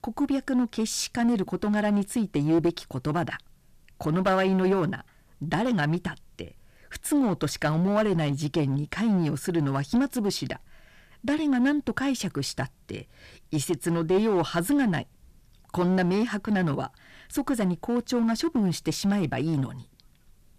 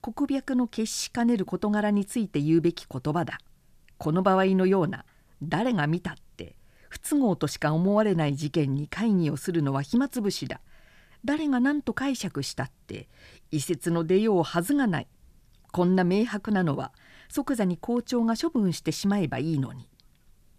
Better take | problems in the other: second | distortion; slight; 7% of the sound clipped

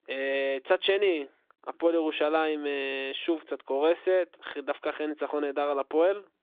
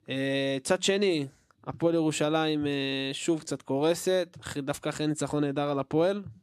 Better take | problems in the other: second | phone-call audio

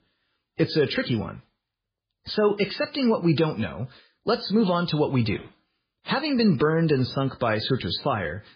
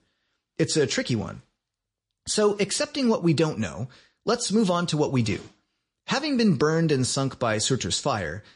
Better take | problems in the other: second | garbled, watery; badly; nothing above 4.5 kHz; slightly in the second

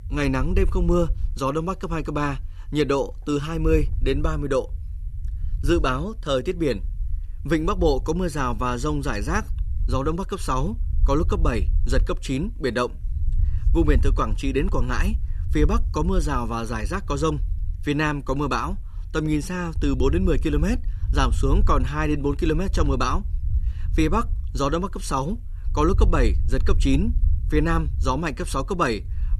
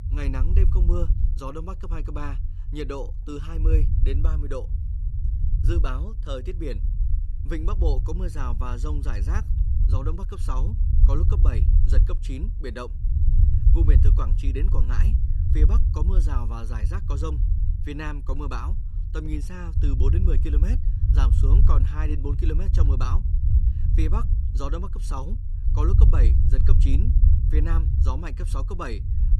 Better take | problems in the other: first | low rumble; loud; throughout; 5 dB below the speech; faint in the first

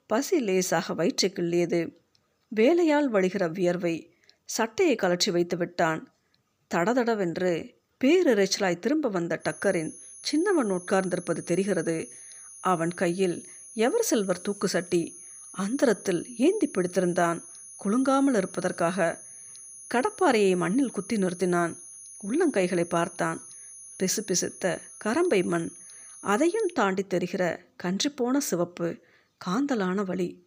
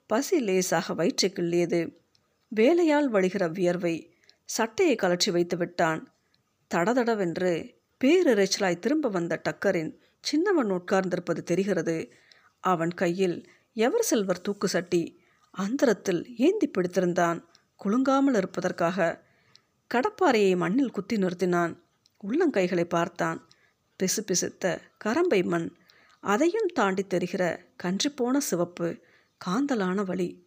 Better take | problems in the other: second | high-pitched whine; noticeable; from 9.5 to 27 s; 10.5 kHz, 15 dB below the speech

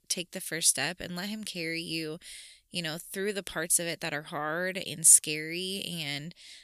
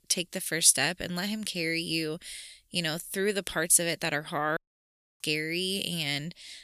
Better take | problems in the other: first | audio cutting out; at 4.5 s for 0.5 s

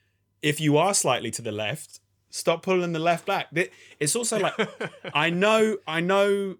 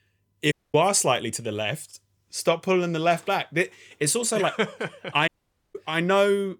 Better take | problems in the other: first | audio cutting out; at 0.5 s and at 5.5 s

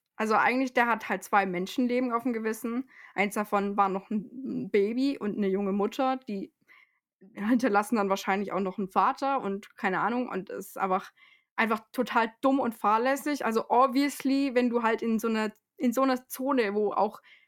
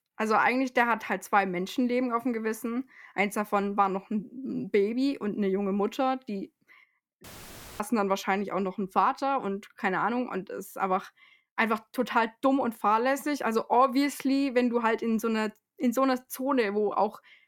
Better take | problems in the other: first | audio cutting out; filled with static; at 7 s for 0.5 s

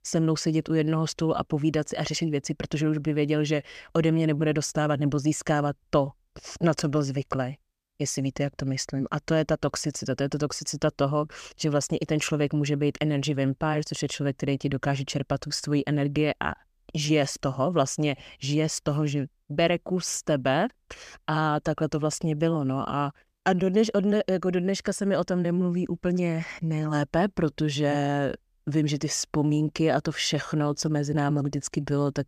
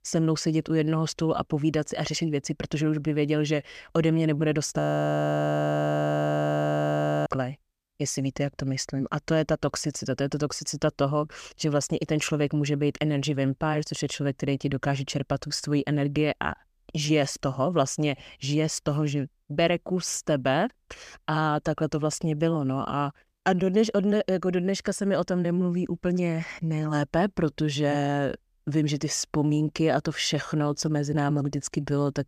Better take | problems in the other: first | audio freezing; at 5 s for 2.5 s

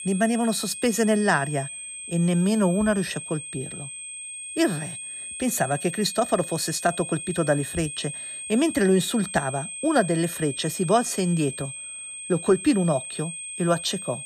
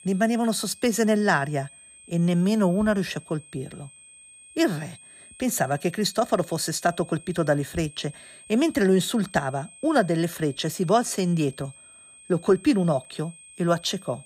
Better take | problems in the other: second | high-pitched whine; loud; throughout; 8.5 kHz, 9 dB below the speech; faint in the second

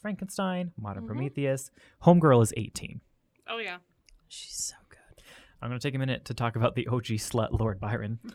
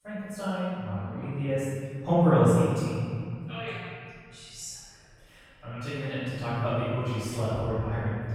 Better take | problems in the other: first | off-mic speech; far // room echo; strong; dies away in 2.2 s

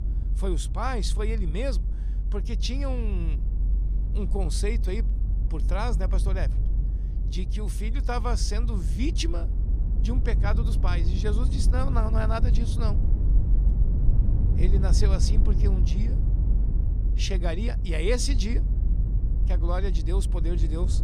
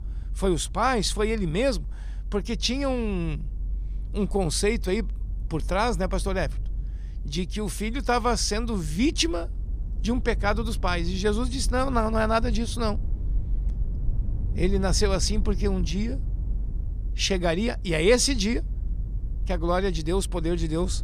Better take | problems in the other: second | low rumble; loud; throughout; 9 dB below the speech; faint in the second

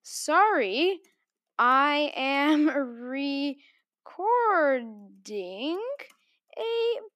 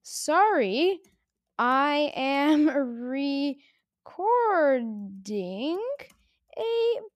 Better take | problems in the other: second | thin; very slightly; fading below 300 Hz

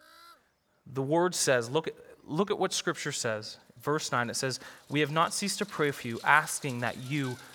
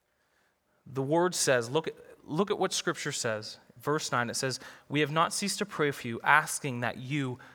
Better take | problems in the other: second | animal sounds; faint; throughout; 20 dB below the speech

